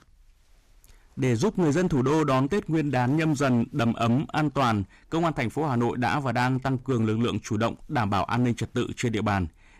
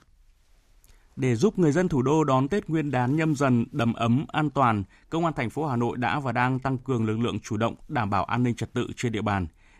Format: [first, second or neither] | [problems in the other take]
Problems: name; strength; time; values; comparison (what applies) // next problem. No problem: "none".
second | distortion; slight; 9% of the sound clipped